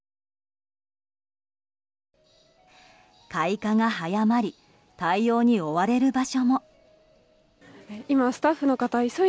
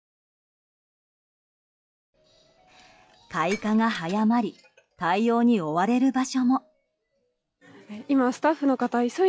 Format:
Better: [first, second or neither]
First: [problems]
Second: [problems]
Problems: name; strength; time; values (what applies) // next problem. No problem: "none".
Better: first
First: none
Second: noise reduction (classical method log-MMSE)